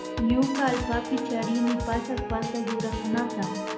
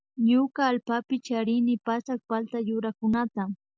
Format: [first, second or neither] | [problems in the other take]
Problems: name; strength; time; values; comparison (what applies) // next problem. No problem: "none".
second | background sound (Piano / Organ); 4 dB below the speech // room echo; dies away in 0.9 s